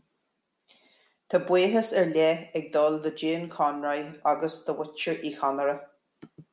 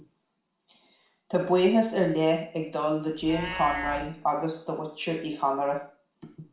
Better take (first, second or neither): first